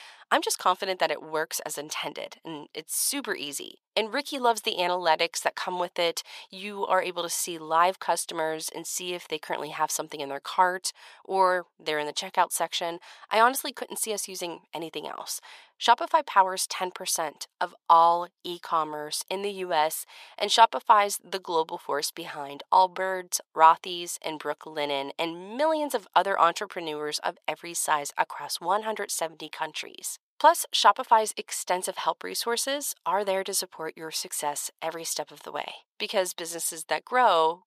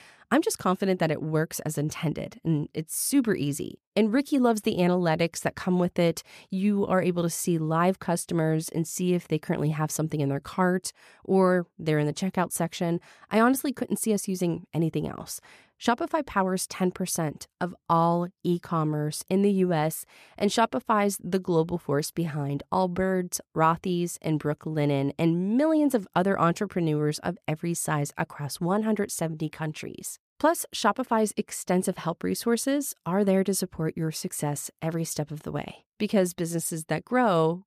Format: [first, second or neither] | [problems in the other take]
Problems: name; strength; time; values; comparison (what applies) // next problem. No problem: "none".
second | thin; very; fading below 700 Hz